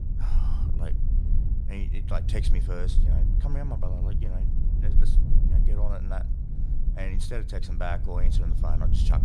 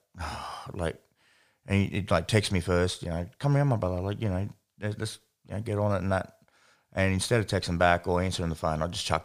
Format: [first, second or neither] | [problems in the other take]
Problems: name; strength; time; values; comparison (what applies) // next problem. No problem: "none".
second | low rumble; loud; throughout; 5 dB below the speech